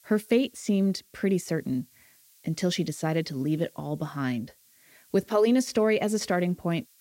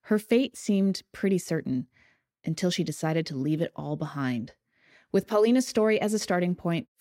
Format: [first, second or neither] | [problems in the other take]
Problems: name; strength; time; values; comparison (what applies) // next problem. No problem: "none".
second | hiss; faint; throughout; 30 dB below the speech